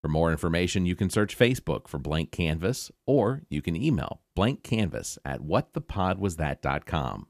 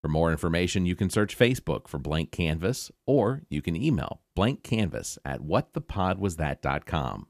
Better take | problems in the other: neither | none

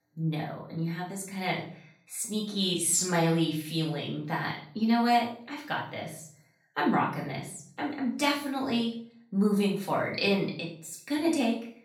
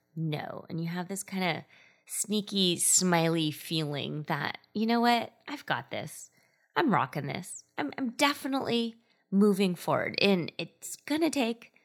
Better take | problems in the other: second | off-mic speech; far // room echo; slight; dies away in 0.4 s

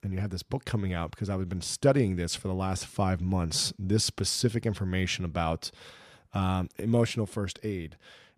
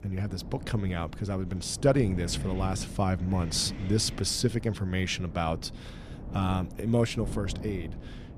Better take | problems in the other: first | wind noise on the microphone; occasional gusts; 15 dB below the speech

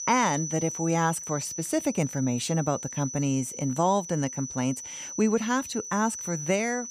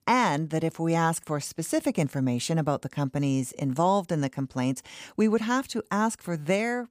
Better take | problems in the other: second | high-pitched whine; loud; throughout; 6 kHz, 7 dB below the speech

